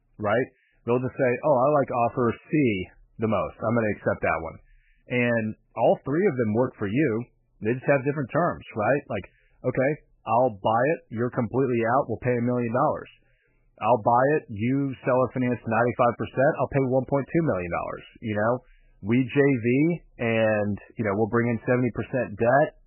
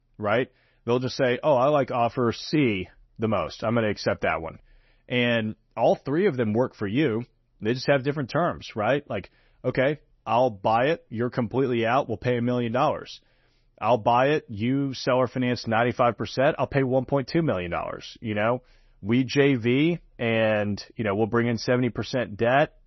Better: second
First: garbled, watery; badly; nothing above 3 kHz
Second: garbled, watery; slightly; nothing above 6 kHz

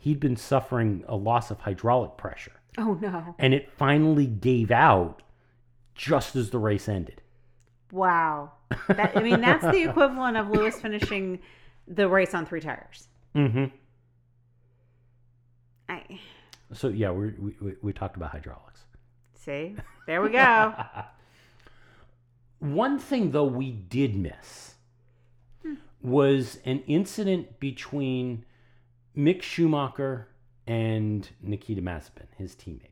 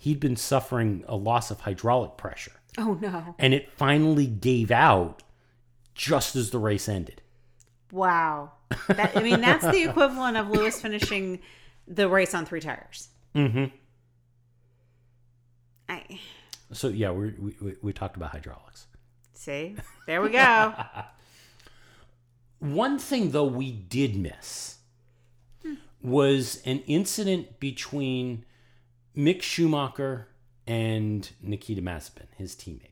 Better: second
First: muffled; slightly; fading above 3.5 kHz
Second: none

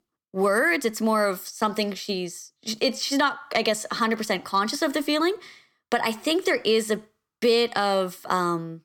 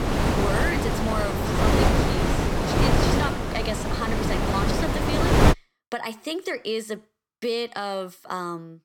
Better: first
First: none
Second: wind noise on the microphone; heavy; until 5.5 s; 4 dB above the speech

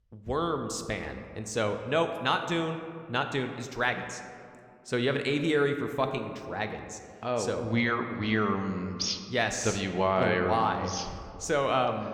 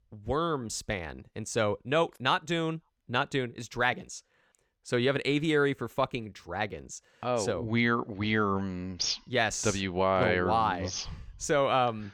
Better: second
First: room echo; very slight; dies away in 1.4 s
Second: none

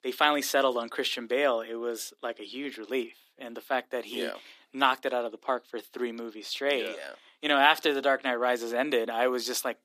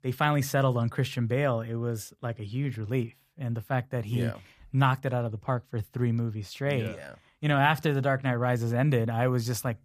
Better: second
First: thin; somewhat; fading below 300 Hz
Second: none

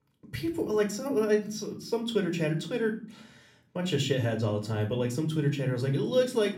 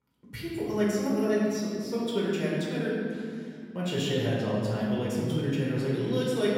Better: first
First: room echo; slight; dies away in 0.5 s // off-mic speech; somewhat distant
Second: room echo; strong; dies away in 2.2 s // off-mic speech; far

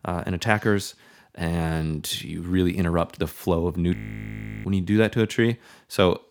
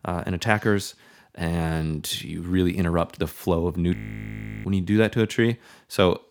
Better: neither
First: audio freezing; at 4 s for 0.5 s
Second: audio freezing; at 4 s for 0.5 s

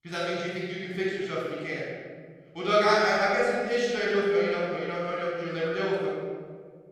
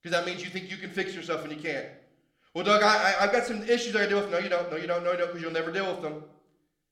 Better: second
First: room echo; strong; dies away in 1.8 s // off-mic speech; far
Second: room echo; slight; dies away in 0.5 s

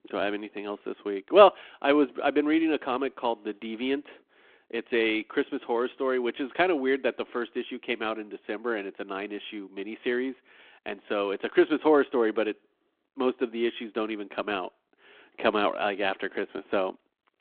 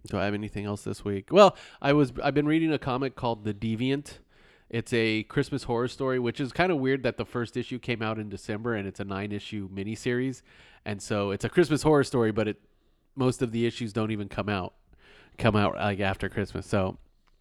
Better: second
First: phone-call audio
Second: none

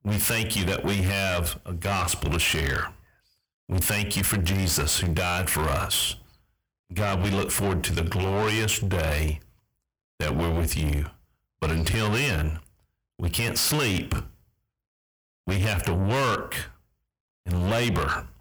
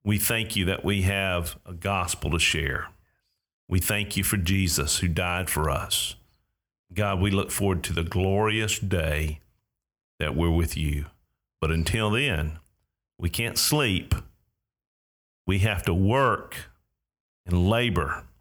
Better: second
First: distortion; heavy; 5 dB below the speech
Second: none

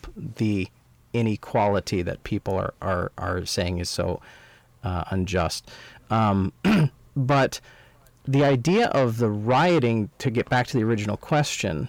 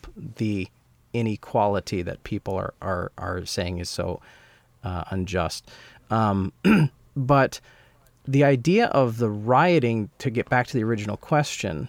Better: second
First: distortion; slight; 10 dB below the speech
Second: none

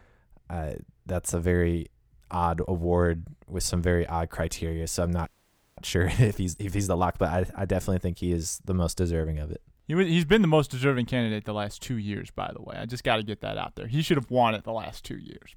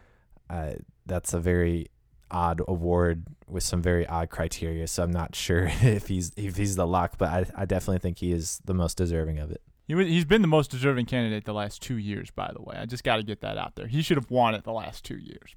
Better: second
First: audio freezing; at 5.5 s for 0.5 s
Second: none

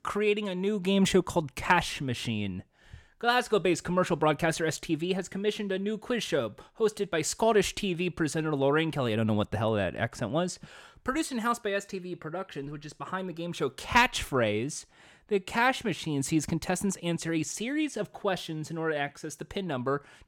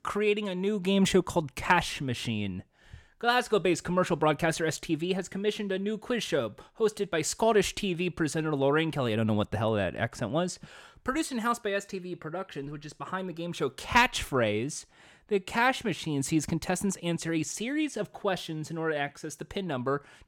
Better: neither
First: none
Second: none

